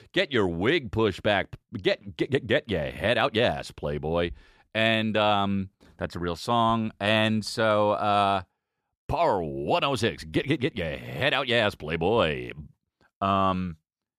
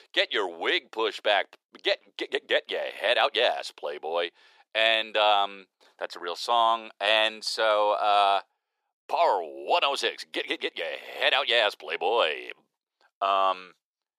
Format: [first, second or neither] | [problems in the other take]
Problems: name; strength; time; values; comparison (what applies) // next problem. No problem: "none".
first | thin; very; fading below 400 Hz